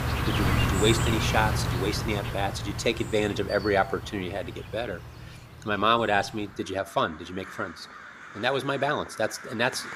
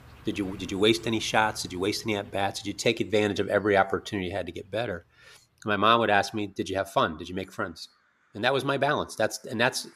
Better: second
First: animal sounds; loud; throughout; 3 dB below the speech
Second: animal sounds; faint; throughout; 25 dB below the speech

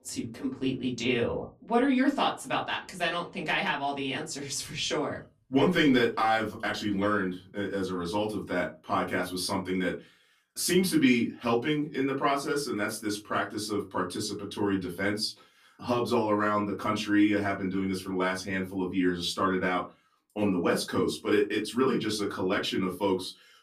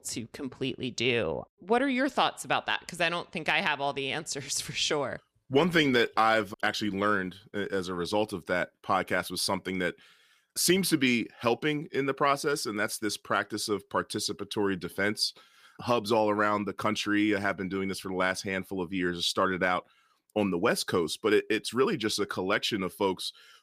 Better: second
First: off-mic speech; far // room echo; very slight; dies away in 0.2 s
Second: none

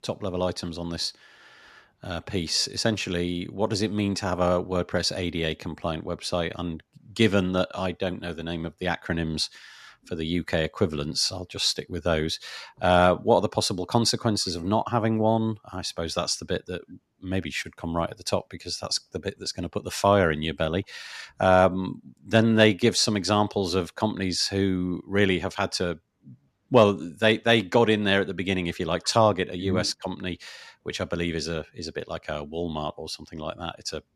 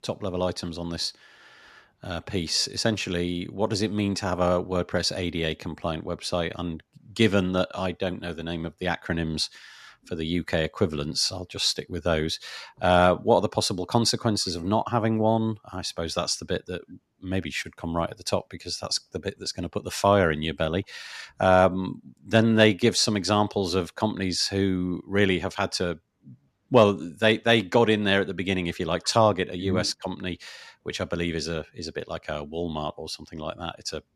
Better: neither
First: none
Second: none

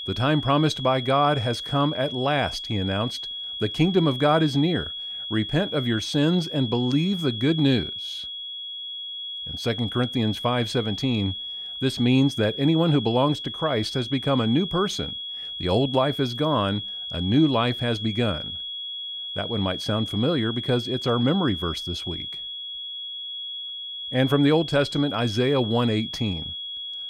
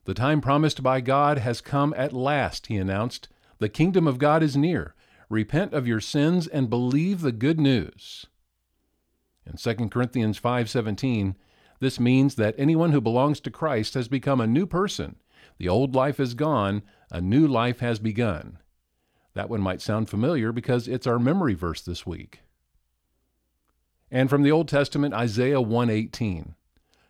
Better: second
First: high-pitched whine; loud; throughout; 3.5 kHz, 7 dB below the speech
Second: none

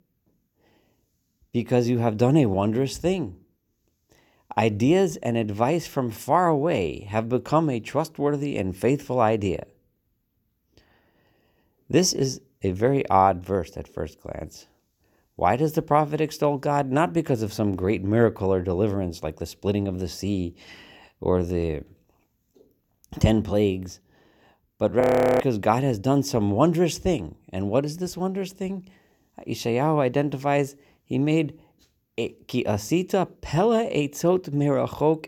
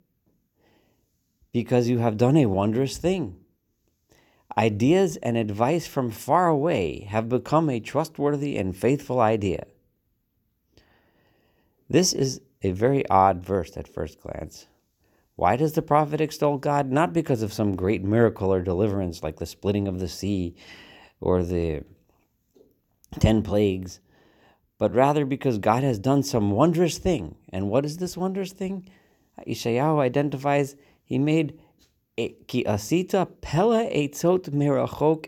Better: second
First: audio freezing; at 25 s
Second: none

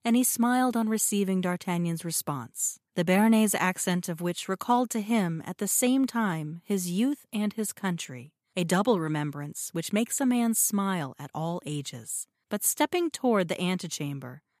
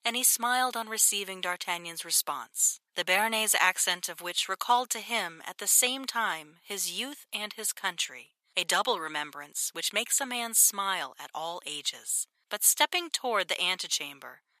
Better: first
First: none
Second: thin; very; fading below 800 Hz

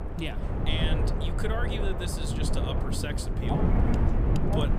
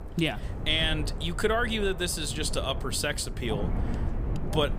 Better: second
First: wind noise on the microphone; heavy; as loud as the speech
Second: wind noise on the microphone; occasional gusts; 15 dB below the speech

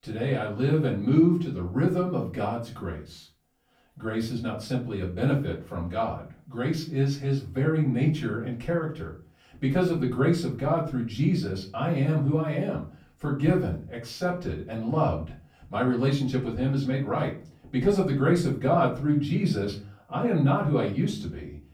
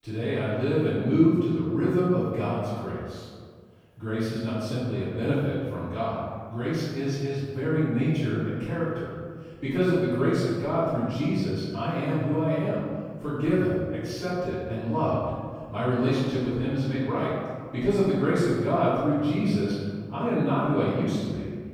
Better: first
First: room echo; slight; dies away in 0.3 s // off-mic speech; far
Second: room echo; strong; dies away in 1.6 s // off-mic speech; far

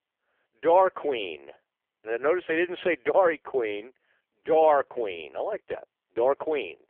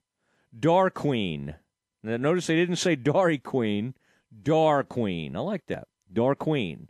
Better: second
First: phone-call audio; poor line; nothing above 3.5 kHz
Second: none

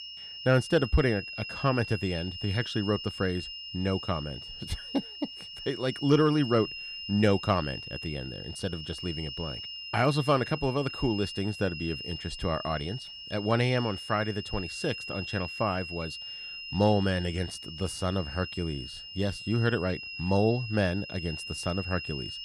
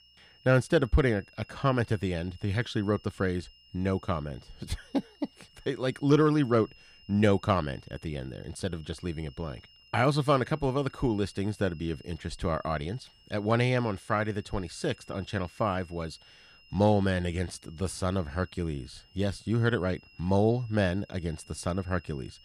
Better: second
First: high-pitched whine; loud; throughout; 3 kHz, 8 dB below the speech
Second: high-pitched whine; faint; throughout; 3 kHz, 25 dB below the speech

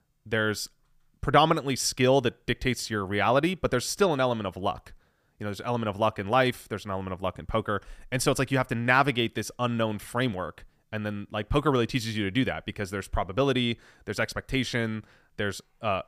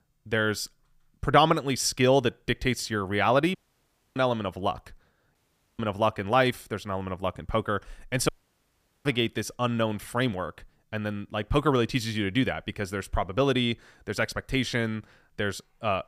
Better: first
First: none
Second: audio cutting out; at 3.5 s for 0.5 s, at 5.5 s and at 8.5 s for 1 s

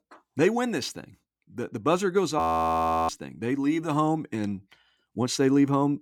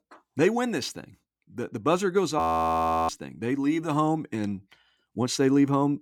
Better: neither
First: audio freezing; at 2.5 s for 0.5 s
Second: audio freezing; at 2.5 s for 0.5 s

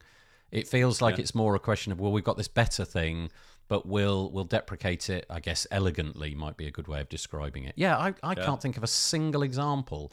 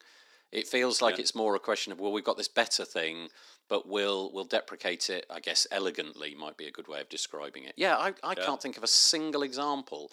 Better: first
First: none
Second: thin; somewhat; fading below 250 Hz

